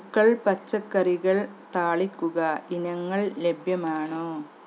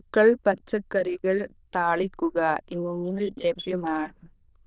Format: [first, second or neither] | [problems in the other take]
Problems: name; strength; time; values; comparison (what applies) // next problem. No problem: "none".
first | noise reduction (neural diffusion model UNIVERSE++)